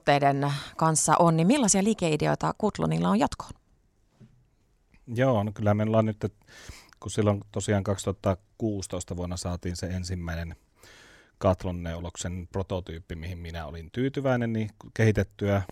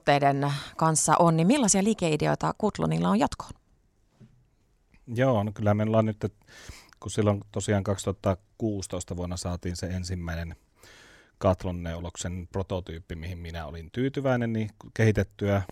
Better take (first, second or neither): neither